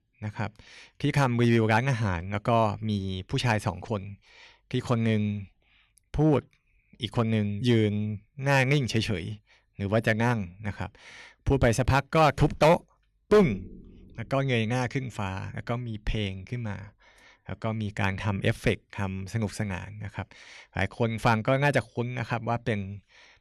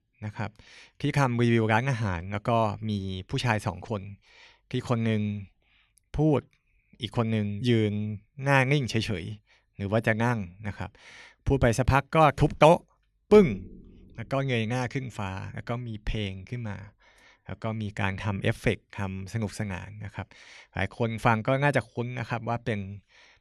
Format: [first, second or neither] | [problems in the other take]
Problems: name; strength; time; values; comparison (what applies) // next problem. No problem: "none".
second | distortion; slight; 1.5% of the sound clipped